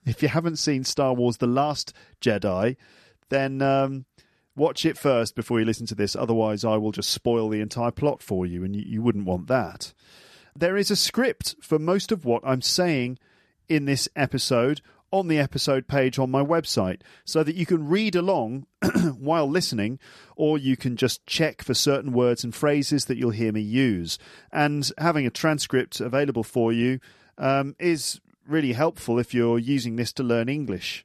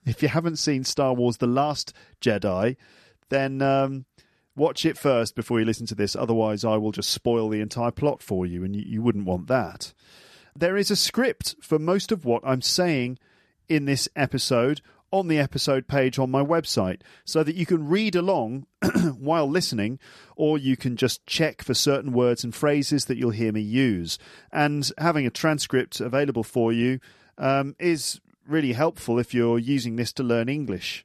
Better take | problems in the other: neither | none

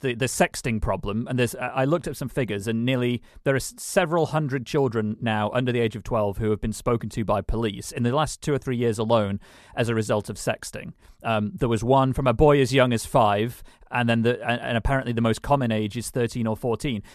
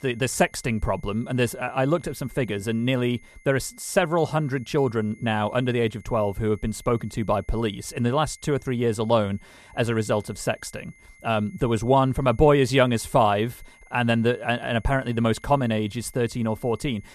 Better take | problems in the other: first | high-pitched whine; faint; throughout; 2 kHz, 30 dB below the speech

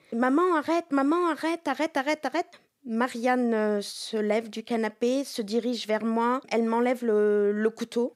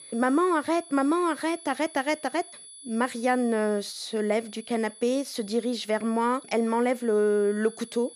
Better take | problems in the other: first | high-pitched whine; noticeable; throughout; 10 kHz, 20 dB below the speech

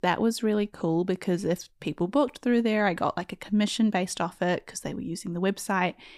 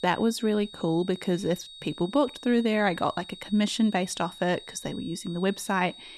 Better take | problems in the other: first | high-pitched whine; noticeable; throughout; 4 kHz, 15 dB below the speech

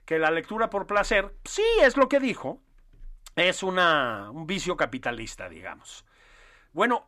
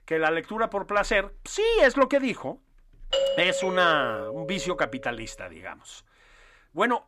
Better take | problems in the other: first | doorbell; noticeable; from 3 to 5 s; peak level with the speech

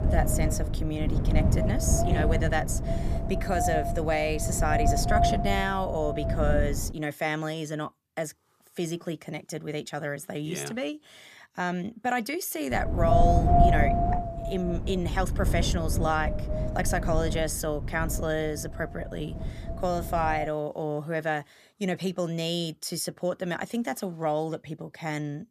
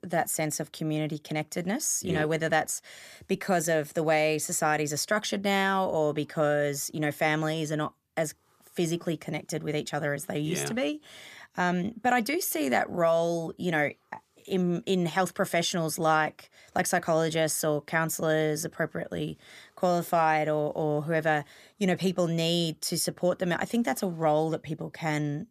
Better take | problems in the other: second | wind noise on the microphone; heavy; until 7 s and from 13 to 20 s; as loud as the speech

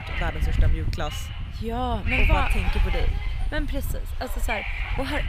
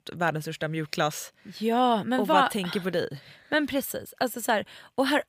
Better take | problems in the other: second | wind noise on the microphone; heavy; 1 dB above the speech

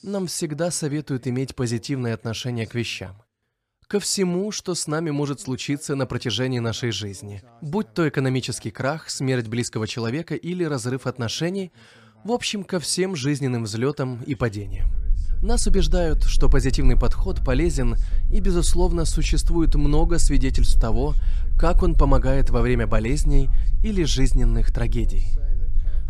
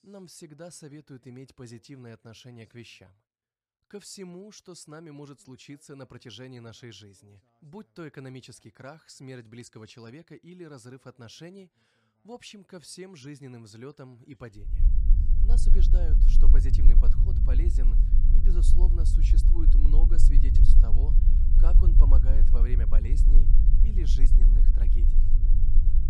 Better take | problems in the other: first | low rumble; loud; from 15 s on; 1 dB below the speech; faint in the first

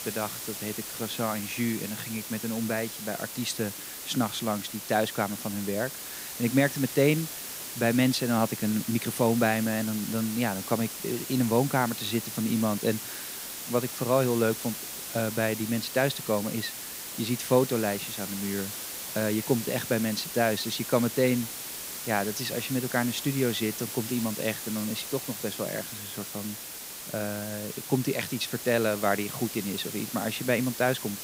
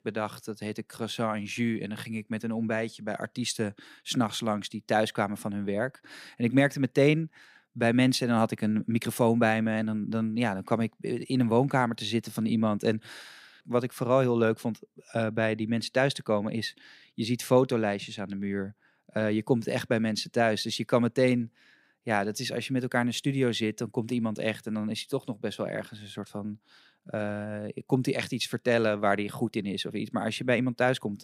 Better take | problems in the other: second | hiss; loud; throughout; 6 dB below the speech

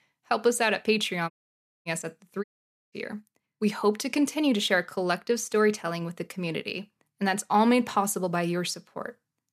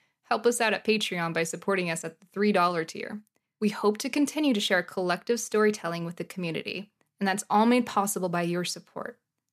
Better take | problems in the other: second | audio cutting out; at 1.5 s for 0.5 s and at 2.5 s

